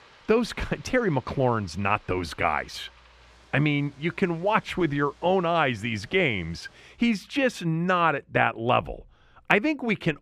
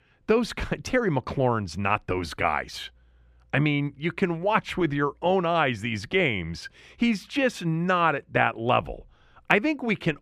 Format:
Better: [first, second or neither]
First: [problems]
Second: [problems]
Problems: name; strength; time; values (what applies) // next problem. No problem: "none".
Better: second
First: household noises; faint; until 7 s; 30 dB below the speech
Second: none